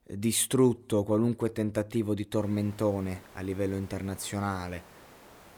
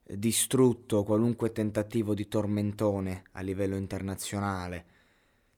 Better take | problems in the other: second | hiss; faint; from 2.5 s on; 25 dB below the speech

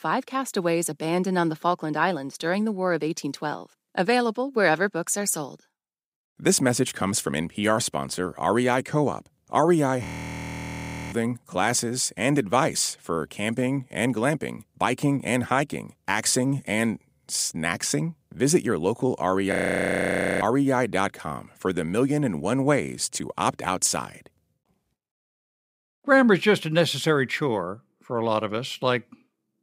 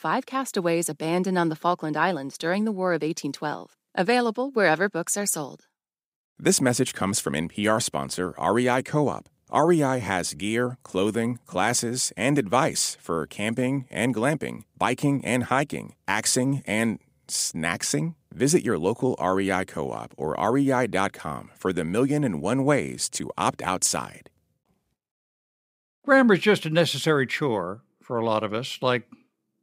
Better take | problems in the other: second | audio freezing; at 10 s for 1 s and at 20 s for 1 s

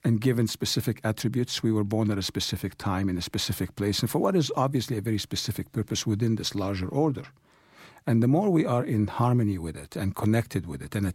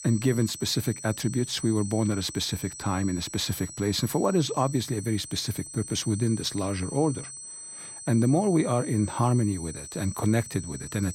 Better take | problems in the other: first | high-pitched whine; noticeable; throughout; 8 kHz, 10 dB below the speech

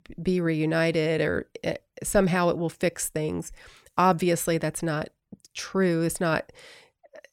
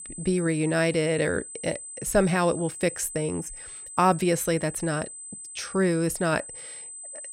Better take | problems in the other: first | high-pitched whine; noticeable; throughout; 8 kHz, 10 dB below the speech

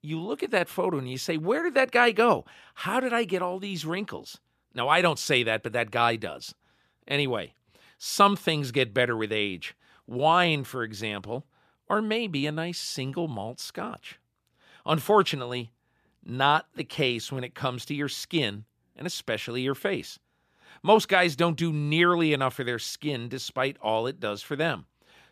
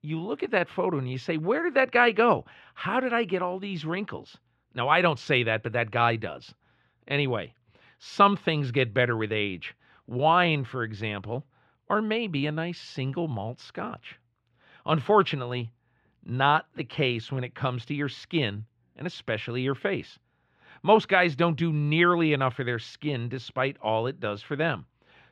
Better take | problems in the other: first | muffled; slightly; fading above 2.5 kHz

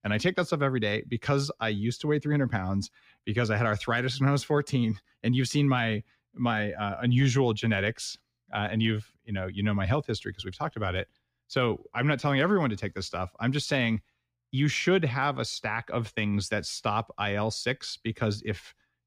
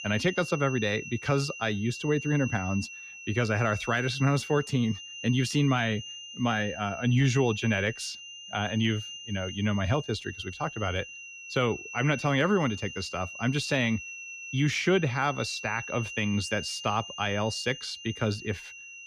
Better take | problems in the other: first | high-pitched whine; noticeable; throughout; 2.5 kHz, 10 dB below the speech

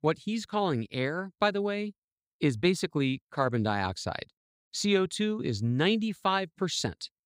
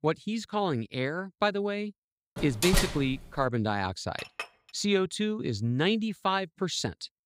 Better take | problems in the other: first | door banging; loud; from 2.5 to 3.5 s; peak 2 dB above the speech // clattering dishes; noticeable; at 4 s; peak 9 dB below the speech

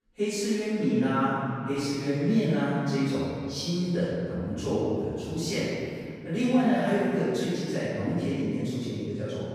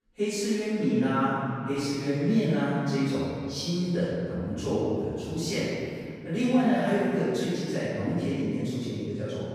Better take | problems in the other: neither | room echo; strong; dies away in 2.5 s; the same in both // off-mic speech; far; the same in both

